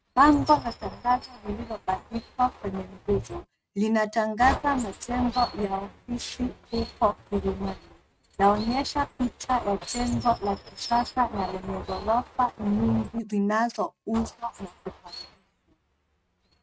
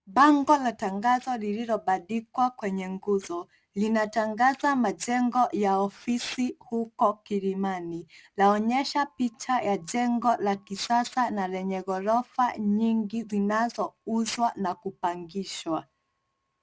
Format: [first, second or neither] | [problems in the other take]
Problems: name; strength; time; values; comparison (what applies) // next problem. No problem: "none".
second | noise reduction (neural mask model RNNoise)